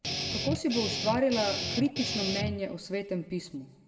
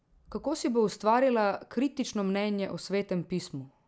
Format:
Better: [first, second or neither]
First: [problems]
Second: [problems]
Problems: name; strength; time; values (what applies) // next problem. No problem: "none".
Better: second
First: background sound (Guitar); 2 dB below the speech // room echo; dies away in 1.2 s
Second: none